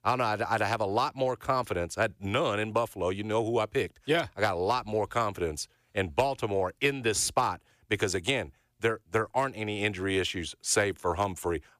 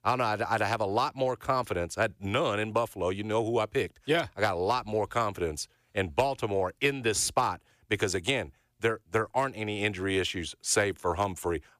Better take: neither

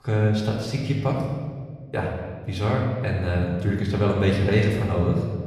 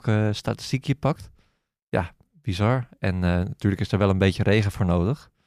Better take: second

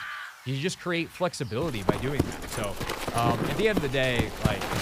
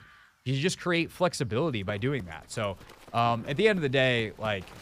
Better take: second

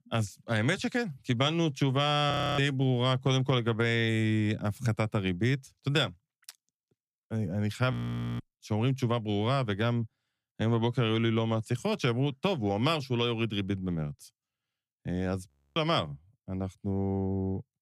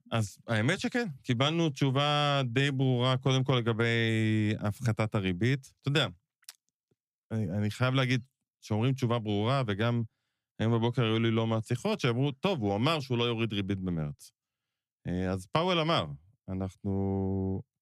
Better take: second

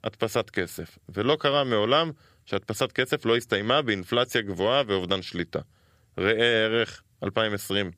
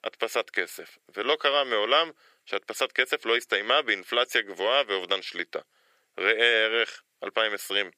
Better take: first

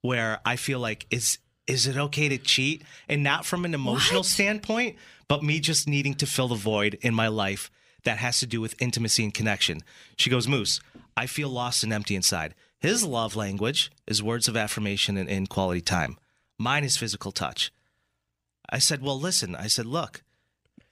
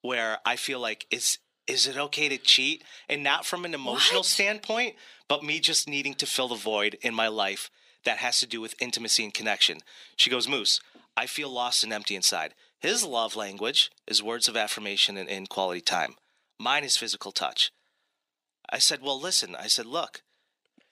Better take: first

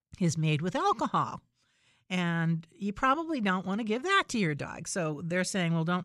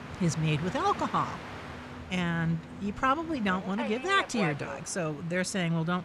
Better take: first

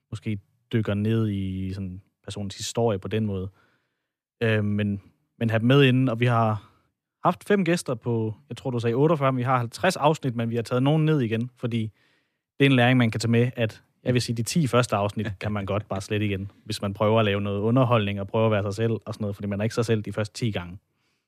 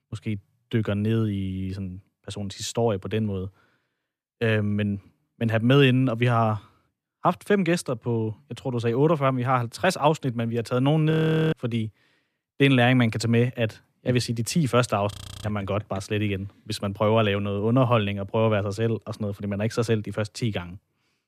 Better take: first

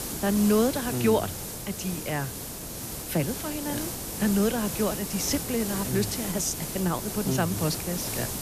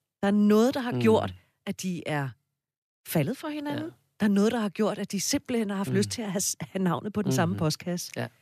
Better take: second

